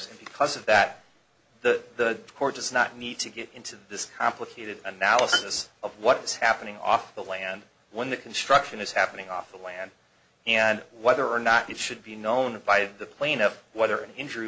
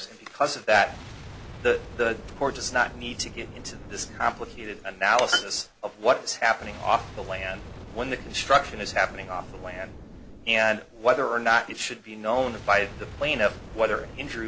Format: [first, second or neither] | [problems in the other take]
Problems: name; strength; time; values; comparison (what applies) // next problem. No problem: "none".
first | background sound (Boom); 16 dB below the speech